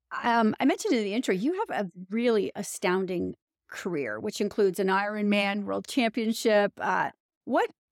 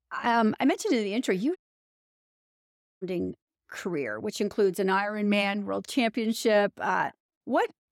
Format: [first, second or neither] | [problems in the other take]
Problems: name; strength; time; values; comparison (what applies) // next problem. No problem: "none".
first | audio cutting out; at 1.5 s for 1.5 s